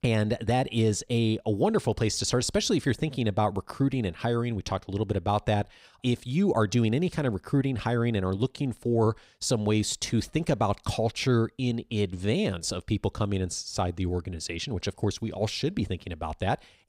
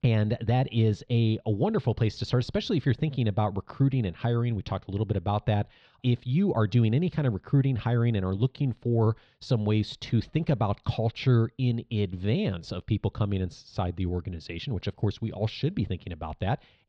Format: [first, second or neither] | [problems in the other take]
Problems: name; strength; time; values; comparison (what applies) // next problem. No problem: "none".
first | muffled; slightly; fading above 4 kHz